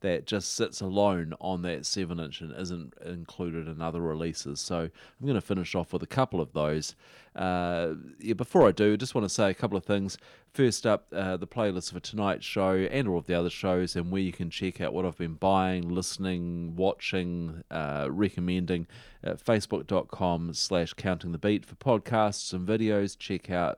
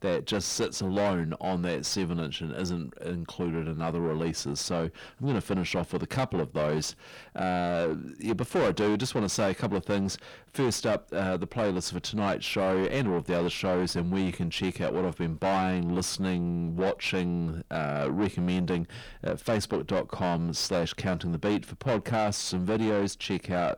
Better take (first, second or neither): first